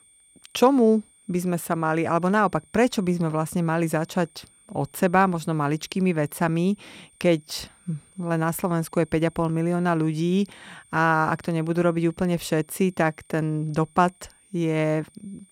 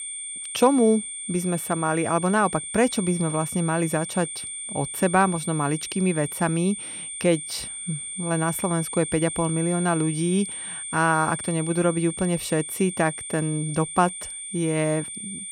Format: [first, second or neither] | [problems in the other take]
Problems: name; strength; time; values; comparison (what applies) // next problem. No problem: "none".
first | high-pitched whine; loud; throughout; 8.5 kHz, 7 dB below the speech; faint in the first